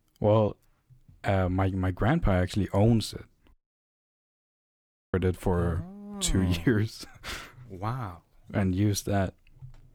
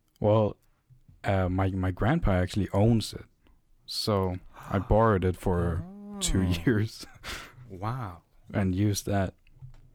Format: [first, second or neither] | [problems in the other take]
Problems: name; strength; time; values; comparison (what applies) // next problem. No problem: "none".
second | audio cutting out; at 3.5 s for 1.5 s